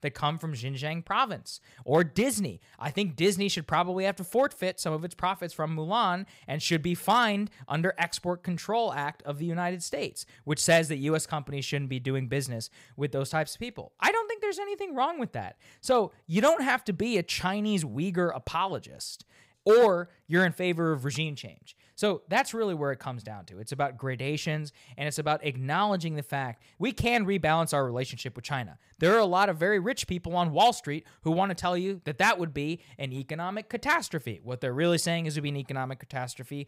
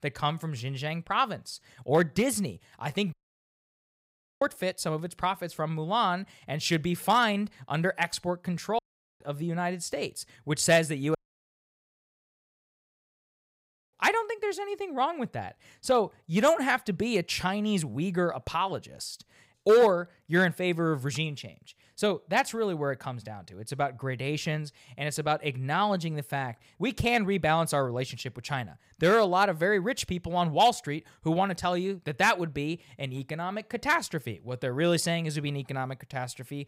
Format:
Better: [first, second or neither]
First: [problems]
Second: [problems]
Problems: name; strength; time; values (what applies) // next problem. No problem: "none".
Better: first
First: none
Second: audio cutting out; at 3 s for 1.5 s, at 9 s and at 11 s for 3 s